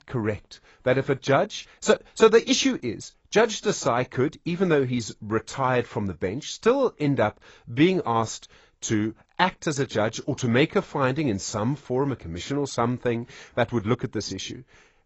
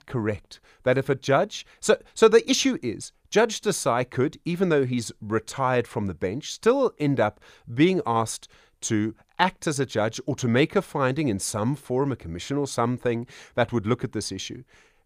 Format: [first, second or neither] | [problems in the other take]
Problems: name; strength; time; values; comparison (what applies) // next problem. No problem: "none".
second | garbled, watery; badly; nothing above 7.5 kHz